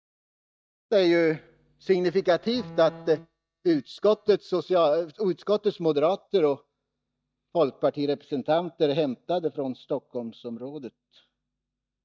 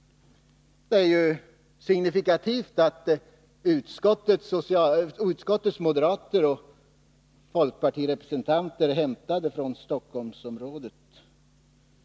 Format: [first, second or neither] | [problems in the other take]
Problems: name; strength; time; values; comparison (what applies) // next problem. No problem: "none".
second | noise reduction (neural mask model DeepFilterNet 3)